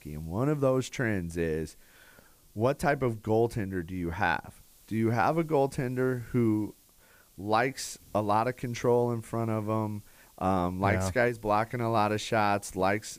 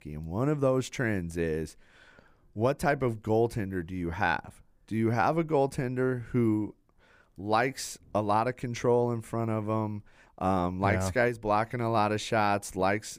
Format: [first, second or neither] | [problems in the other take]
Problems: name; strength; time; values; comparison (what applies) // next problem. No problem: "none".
second | hiss; faint; throughout; 30 dB below the speech